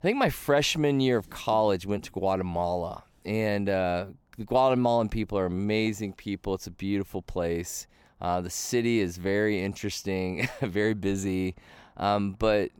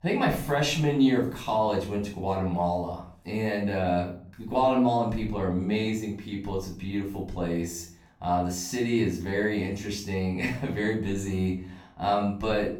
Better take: first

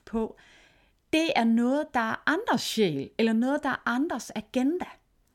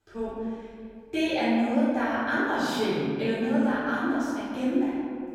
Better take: first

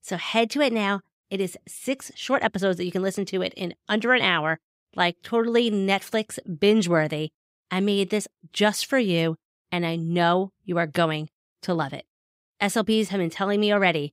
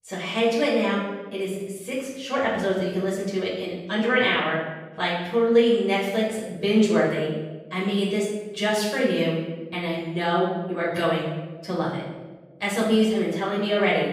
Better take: first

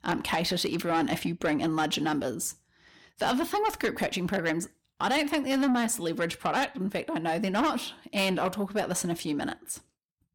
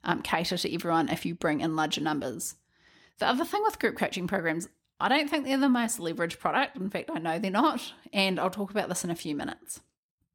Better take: second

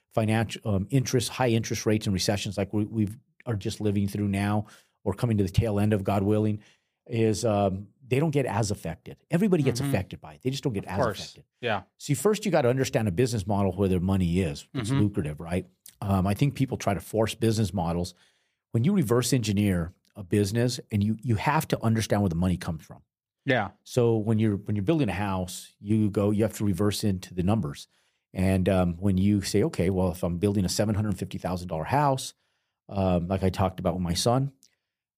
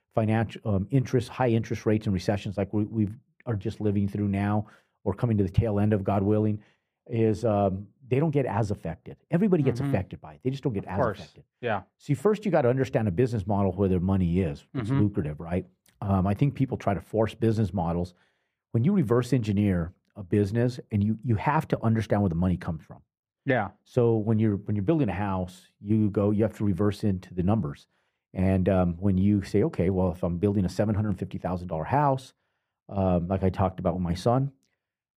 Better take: first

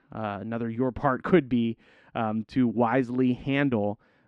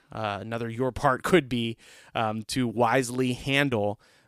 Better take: second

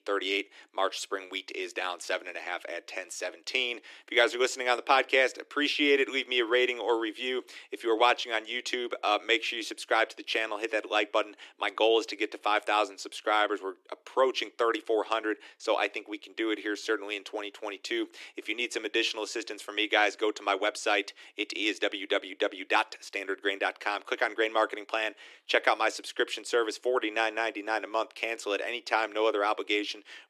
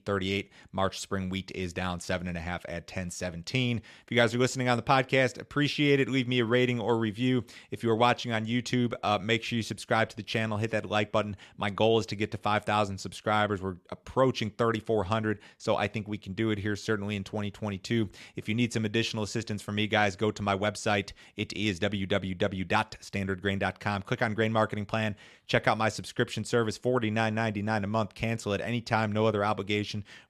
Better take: second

